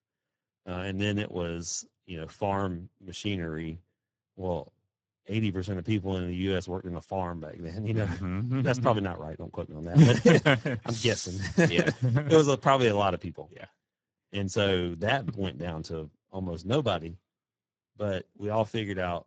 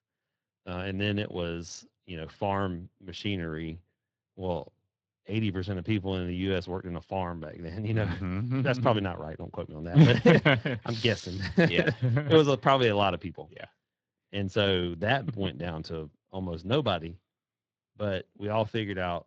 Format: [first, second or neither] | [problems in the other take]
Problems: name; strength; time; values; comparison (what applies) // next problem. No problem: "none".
second | garbled, watery; badly; nothing above 7.5 kHz; slightly in the second